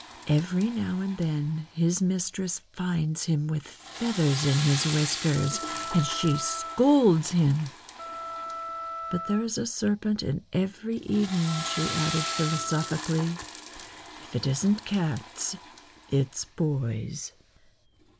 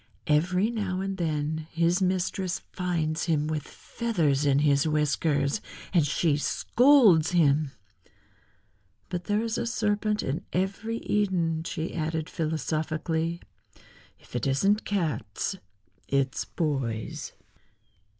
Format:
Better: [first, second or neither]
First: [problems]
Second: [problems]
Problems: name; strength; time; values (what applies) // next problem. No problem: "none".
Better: second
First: background sound (Toilet flush / Water + Wind instrument, woodwind instrument); 11 dB below the speech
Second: none